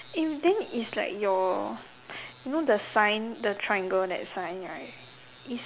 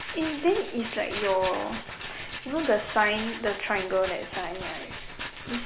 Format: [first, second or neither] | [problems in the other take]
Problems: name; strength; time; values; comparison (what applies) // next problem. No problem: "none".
first | background sound (Rattle); 9 dB below the speech // room echo; dies away in 1.9 s